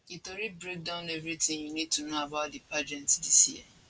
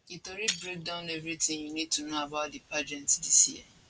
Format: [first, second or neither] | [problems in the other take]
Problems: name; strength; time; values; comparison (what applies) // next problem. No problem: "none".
first | background sound (Shatter); 10 dB below the speech